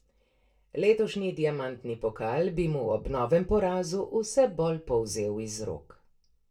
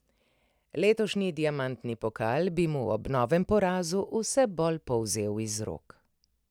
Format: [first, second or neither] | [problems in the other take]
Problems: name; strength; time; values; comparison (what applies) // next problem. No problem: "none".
second | room echo; dies away in 0.2 s